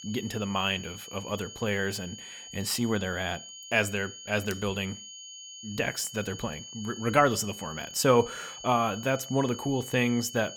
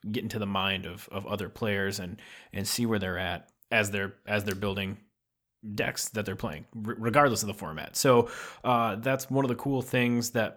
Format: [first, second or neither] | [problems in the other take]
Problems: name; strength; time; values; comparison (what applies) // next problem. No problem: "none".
second | high-pitched whine; noticeable; throughout; 3 kHz, 15 dB below the speech